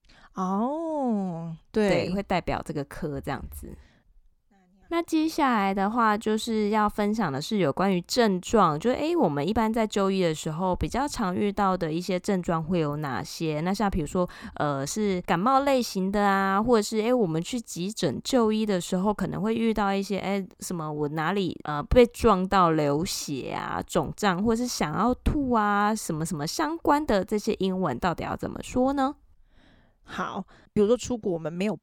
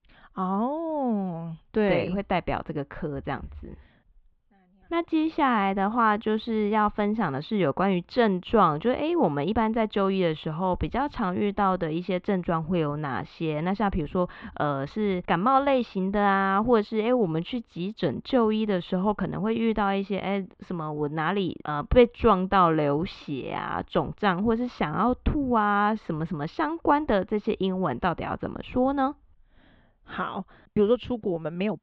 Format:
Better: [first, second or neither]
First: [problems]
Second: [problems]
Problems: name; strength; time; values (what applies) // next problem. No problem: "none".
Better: first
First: none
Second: muffled; very; fading above 3.5 kHz